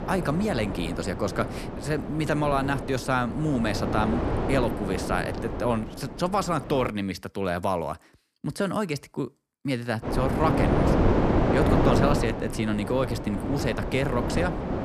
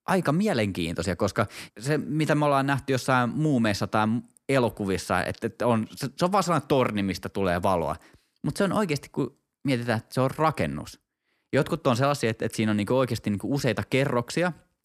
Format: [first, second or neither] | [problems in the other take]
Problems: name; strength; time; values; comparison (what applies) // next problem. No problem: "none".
second | wind noise on the microphone; heavy; until 7 s and from 10 s on; 2 dB below the speech